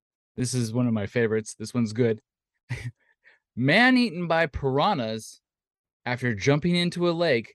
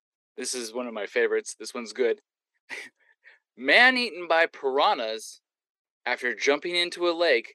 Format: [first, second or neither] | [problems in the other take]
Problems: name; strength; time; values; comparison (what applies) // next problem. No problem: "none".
first | thin; very; fading below 350 Hz